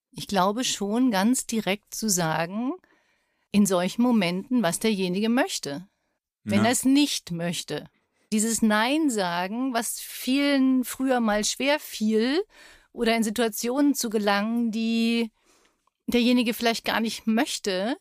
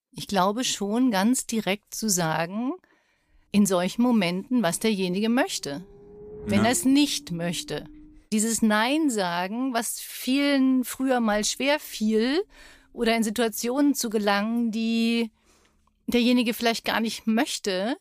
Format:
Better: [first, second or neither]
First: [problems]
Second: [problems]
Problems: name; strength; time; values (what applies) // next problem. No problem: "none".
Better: first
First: none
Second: low rumble; faint; from 3 to 8 s and from 11 to 17 s; 20 dB below the speech